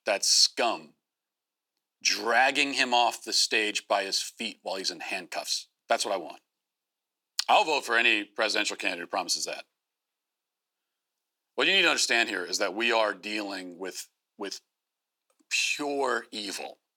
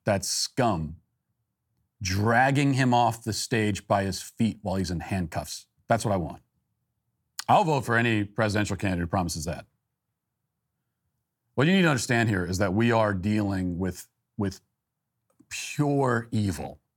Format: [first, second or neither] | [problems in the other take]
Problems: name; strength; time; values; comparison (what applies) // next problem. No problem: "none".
second | thin; very; fading below 350 Hz